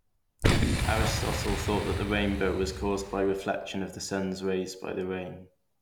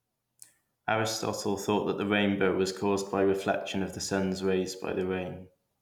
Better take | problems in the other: second | background sound (Boom); 1 dB below the speech

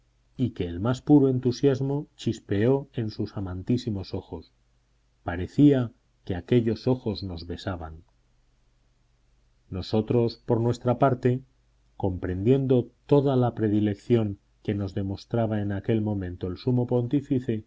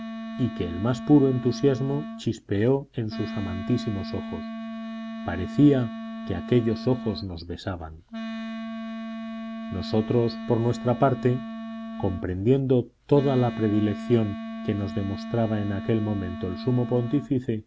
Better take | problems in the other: first | background sound (Wind instrument, woodwind instrument); 10 dB below the speech

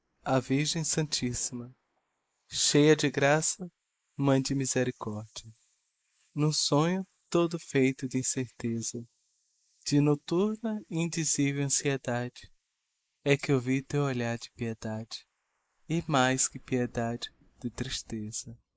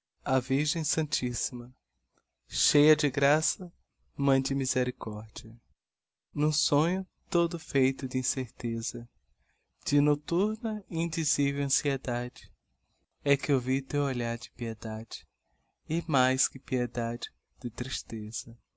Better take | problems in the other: second | noise reduction (neural mask model Resemble Enhance denoiser)

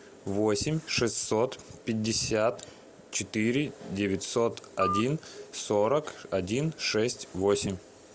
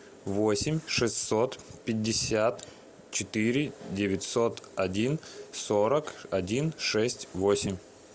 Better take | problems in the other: second | background sound (Telephone); 6 dB below the speech

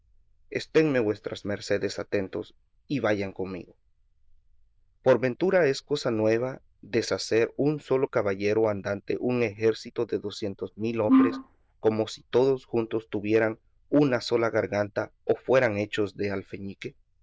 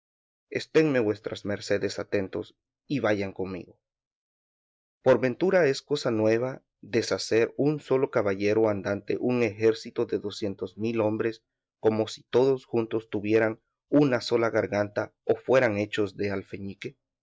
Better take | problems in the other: second | noise reduction (neural diffusion model UNIVERSE++)

